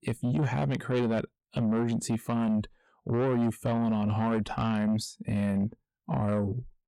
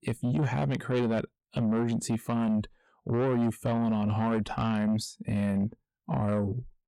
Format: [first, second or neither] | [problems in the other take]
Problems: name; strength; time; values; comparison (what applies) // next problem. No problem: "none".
neither | distortion; slight; 10 dB below the speech; the same in both